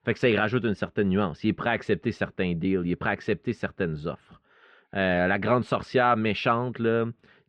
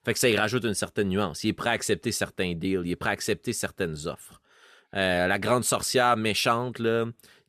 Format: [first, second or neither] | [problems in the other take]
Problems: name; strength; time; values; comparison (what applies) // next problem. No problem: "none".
second | muffled; very; fading above 3 kHz